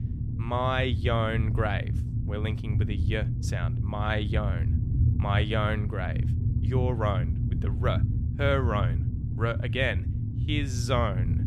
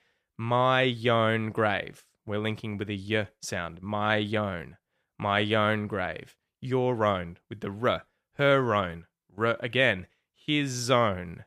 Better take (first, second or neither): second